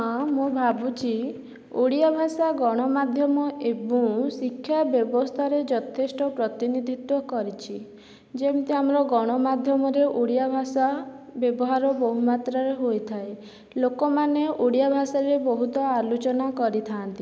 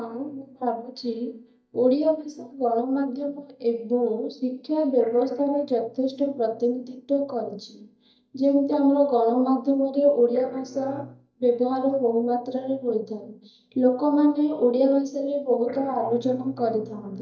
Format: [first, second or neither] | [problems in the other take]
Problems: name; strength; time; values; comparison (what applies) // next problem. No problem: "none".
first | noise reduction (neural mask model DeepFilterNet 3)